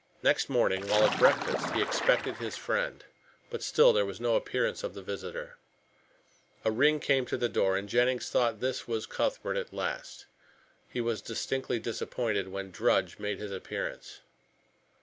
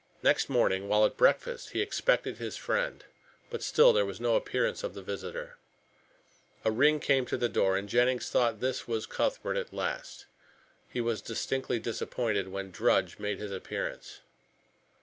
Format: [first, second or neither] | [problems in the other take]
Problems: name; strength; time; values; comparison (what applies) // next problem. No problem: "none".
second | background sound (Splash, splatter); 4 dB below the speech